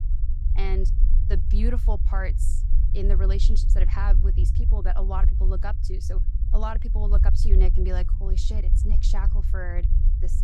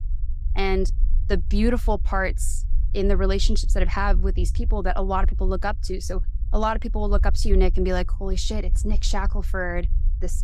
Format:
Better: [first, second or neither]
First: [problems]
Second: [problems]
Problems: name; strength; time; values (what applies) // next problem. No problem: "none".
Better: second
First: low rumble; loud; throughout; 8 dB below the speech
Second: low rumble; faint; throughout; 20 dB below the speech